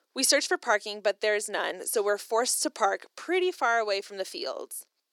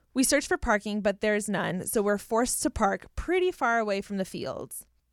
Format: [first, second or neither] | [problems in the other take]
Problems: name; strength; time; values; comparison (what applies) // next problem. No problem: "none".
second | thin; somewhat; fading below 350 Hz